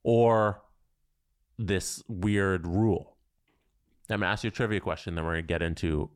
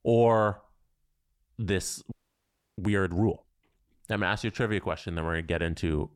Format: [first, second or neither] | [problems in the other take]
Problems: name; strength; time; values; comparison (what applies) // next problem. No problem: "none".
first | audio freezing; at 2 s for 0.5 s